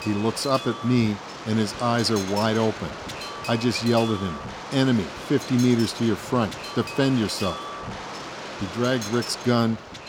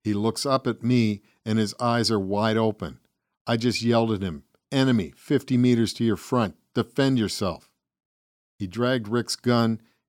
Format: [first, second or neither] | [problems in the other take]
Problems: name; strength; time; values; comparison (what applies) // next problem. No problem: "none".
second | wind noise on the microphone; heavy; 7 dB below the speech